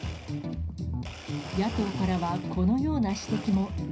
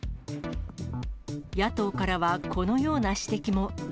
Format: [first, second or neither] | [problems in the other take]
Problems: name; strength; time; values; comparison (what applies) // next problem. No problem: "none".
second | background sound (Domestic sounds, home sounds); 15 dB below the speech // room echo; dies away in 0.4 s